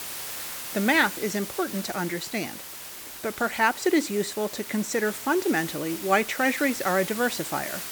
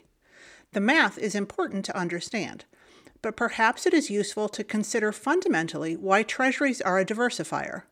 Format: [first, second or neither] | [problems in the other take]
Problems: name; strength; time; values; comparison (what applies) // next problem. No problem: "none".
second | hiss; loud; throughout; 9 dB below the speech